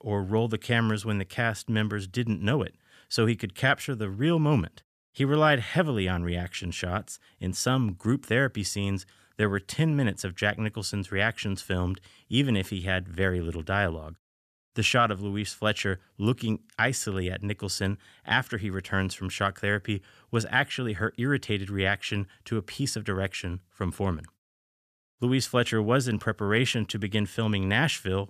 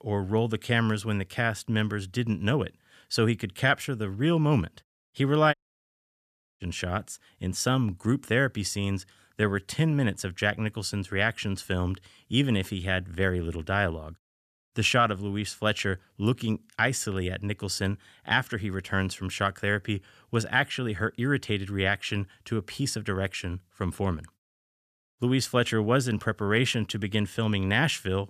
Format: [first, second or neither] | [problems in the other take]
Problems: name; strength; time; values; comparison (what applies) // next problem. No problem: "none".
first | audio cutting out; at 5.5 s for 1 s